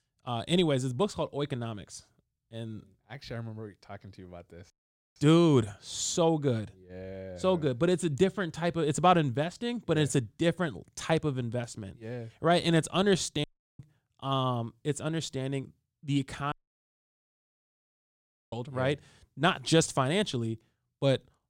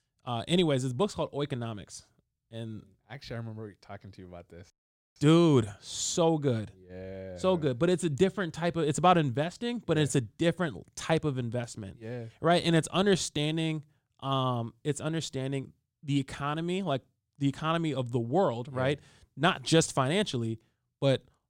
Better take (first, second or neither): second